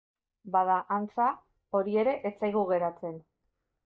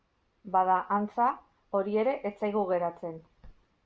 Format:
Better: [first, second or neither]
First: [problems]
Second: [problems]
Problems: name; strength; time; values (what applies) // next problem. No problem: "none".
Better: second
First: noise reduction (neural mask model DeepFilterNet 3)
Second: none